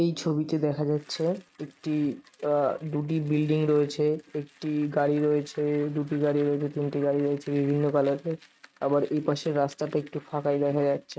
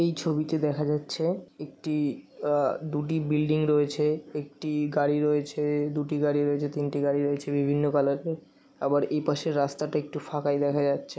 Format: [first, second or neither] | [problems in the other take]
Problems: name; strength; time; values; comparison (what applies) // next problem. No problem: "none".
second | noise reduction (neural mask model RNNoise)